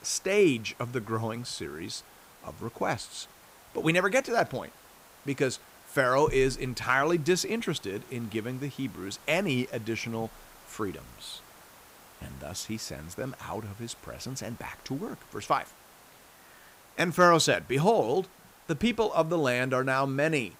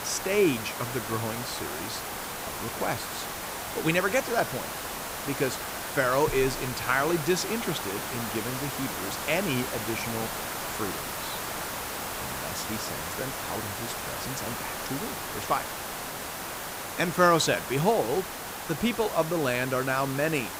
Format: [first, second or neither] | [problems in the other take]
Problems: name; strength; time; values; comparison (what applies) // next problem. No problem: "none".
first | hiss; loud; throughout; 4 dB below the speech; faint in the first